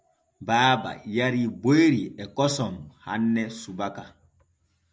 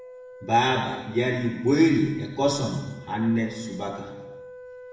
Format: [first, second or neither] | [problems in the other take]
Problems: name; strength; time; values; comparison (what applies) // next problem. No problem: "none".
first | background sound (Wind instrument, woodwind instrument); 19 dB below the speech // room echo; dies away in 1 s